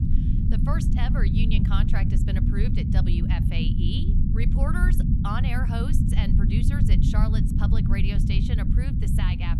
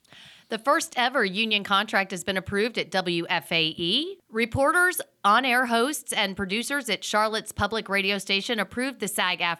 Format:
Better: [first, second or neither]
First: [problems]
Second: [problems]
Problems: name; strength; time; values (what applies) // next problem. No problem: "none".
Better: second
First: low rumble; loud; throughout; 1 dB below the speech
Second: none